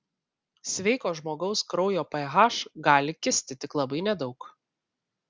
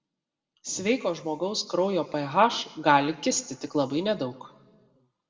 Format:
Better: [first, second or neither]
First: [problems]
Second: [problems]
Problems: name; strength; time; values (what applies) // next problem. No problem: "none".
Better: first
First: none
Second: room echo; dies away in 1.4 s